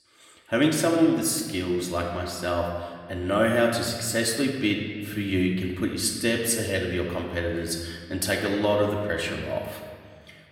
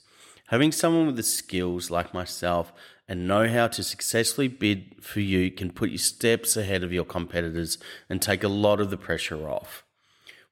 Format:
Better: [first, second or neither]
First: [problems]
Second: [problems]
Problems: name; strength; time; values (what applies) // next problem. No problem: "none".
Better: second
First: room echo; noticeable; dies away in 1.5 s // off-mic speech; somewhat distant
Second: none